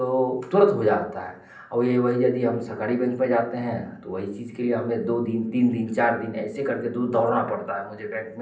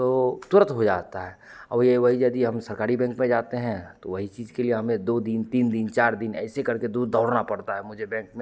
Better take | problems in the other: second | room echo; dies away in 0.6 s

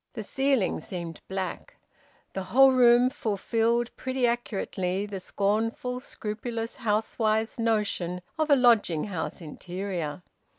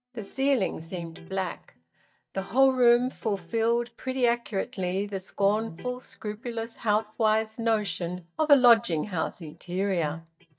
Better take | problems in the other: first | noise reduction (neural mask model DeepFilterNet 3)

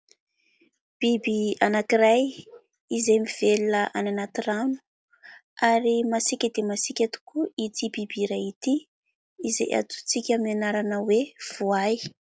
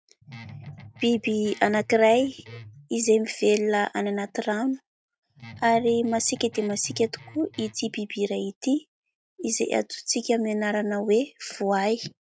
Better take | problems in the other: first | noise reduction (neural mask model RNNoise)

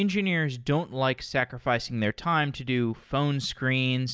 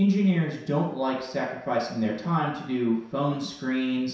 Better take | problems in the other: first | room echo; dies away in 0.7 s

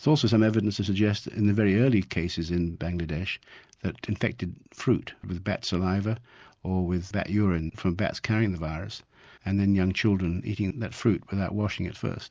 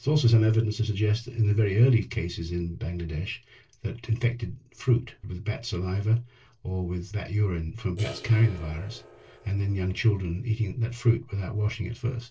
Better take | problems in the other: first | noise reduction (neural separator model SepFormer DNS4)

